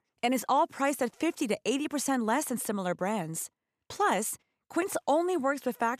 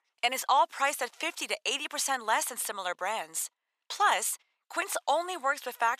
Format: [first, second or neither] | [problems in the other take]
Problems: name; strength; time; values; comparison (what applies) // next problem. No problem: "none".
first | thin; very; fading below 900 Hz